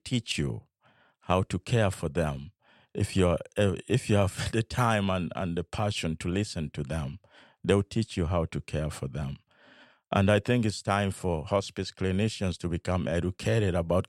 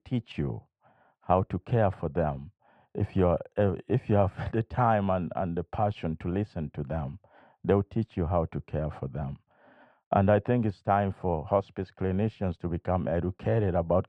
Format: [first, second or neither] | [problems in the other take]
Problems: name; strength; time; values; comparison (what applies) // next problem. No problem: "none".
first | muffled; very; fading above 4 kHz